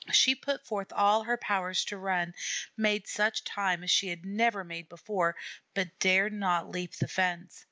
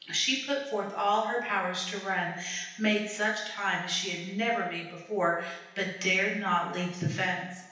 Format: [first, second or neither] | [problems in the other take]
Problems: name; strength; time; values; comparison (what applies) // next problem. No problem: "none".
first | room echo; dies away in 0.9 s